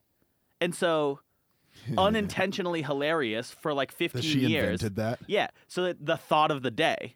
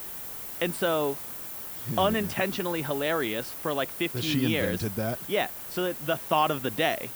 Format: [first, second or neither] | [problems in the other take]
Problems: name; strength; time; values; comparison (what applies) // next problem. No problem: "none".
first | hiss; loud; throughout; 7 dB below the speech